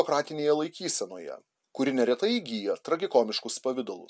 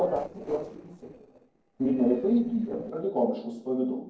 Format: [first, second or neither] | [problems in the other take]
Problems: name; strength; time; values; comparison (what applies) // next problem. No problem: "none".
first | noise reduction (neural separator model SepFormer DNS4)